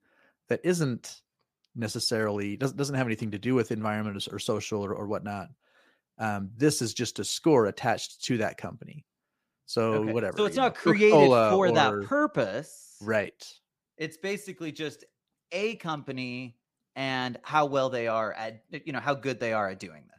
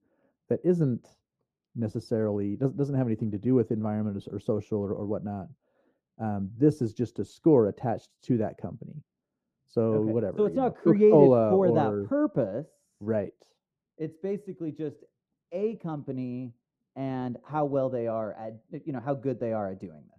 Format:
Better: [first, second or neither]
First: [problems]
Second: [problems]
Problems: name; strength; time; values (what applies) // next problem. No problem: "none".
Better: first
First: none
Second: muffled; very; fading above 1 kHz